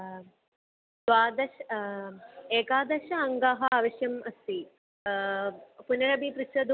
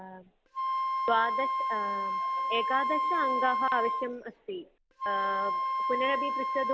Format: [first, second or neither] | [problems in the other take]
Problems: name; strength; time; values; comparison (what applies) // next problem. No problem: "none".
first | background sound (Wind instrument, woodwind instrument); 3 dB above the speech